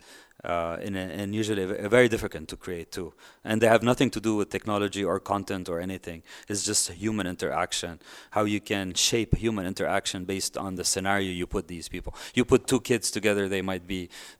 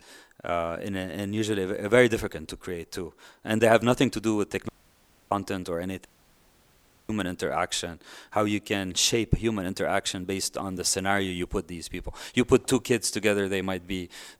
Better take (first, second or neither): first